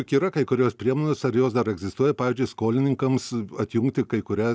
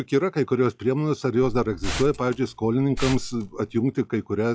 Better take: first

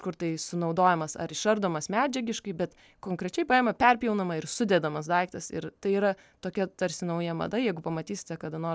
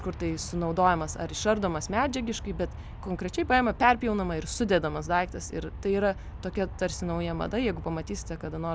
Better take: first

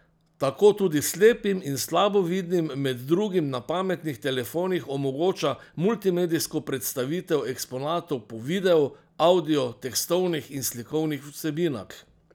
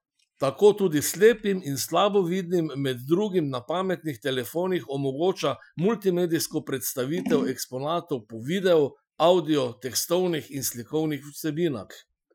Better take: first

